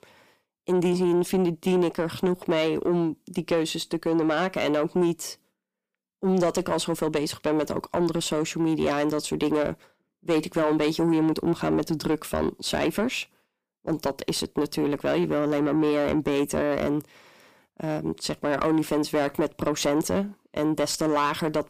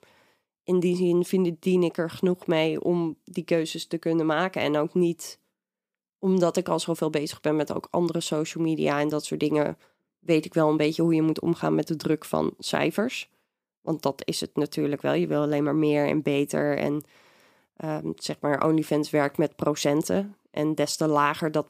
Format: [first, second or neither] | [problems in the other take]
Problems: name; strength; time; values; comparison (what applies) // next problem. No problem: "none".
second | distortion; slight; 9 dB below the speech